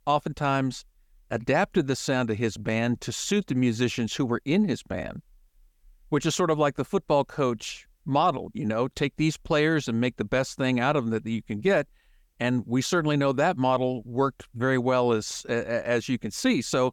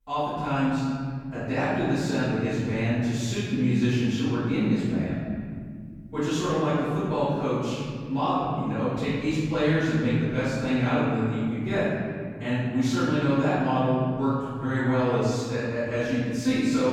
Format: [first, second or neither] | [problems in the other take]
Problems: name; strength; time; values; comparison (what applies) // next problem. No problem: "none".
first | off-mic speech; far // room echo; strong; dies away in 3 s